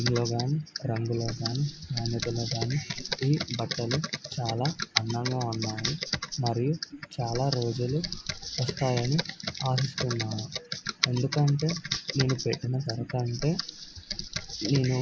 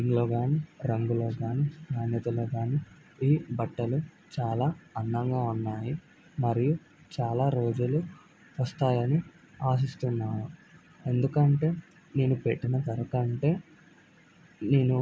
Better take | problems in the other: second | background sound (Computer keyboard); 6 dB below the speech

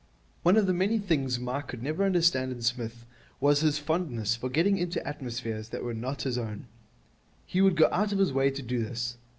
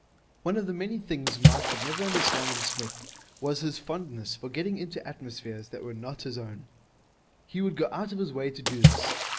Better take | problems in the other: first | background sound (Water / Splash, splatter); 4 dB above the speech

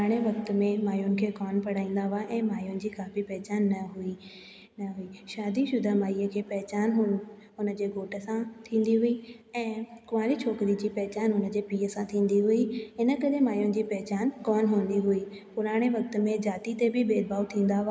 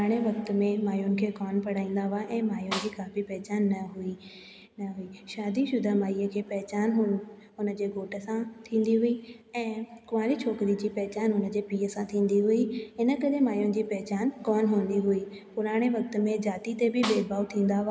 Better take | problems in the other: first | background sound (Snare drum); 10 dB below the speech

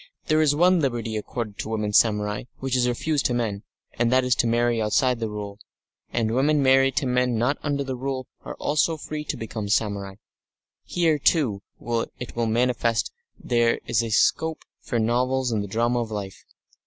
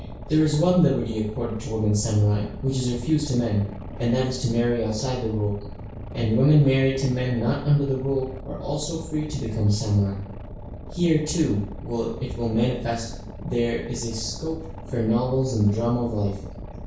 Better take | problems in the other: first | background sound (Boat, Water vehicle); 12 dB below the speech // room echo; dies away in 0.6 s

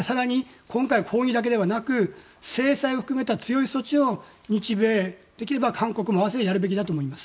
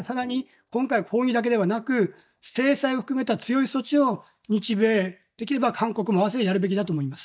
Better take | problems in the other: first | noise reduction (neural mask model DeepFilterNet 3)

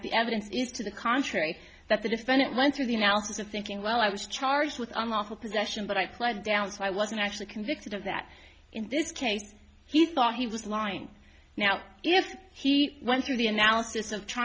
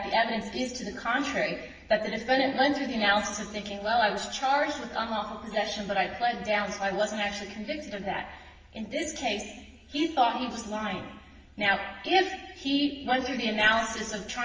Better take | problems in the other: first | room echo; dies away in 1.2 s

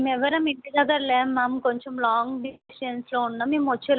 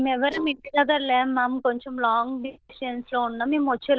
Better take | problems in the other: first | noise reduction (neural diffusion model UNIVERSE++)

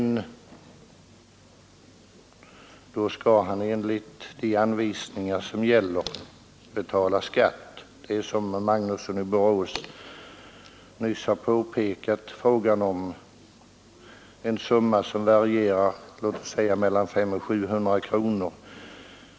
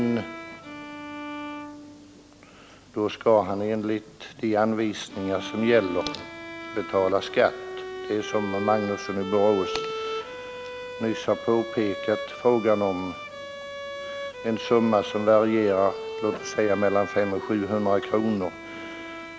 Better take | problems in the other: first | background sound (Bowed string instrument); 10 dB below the speech

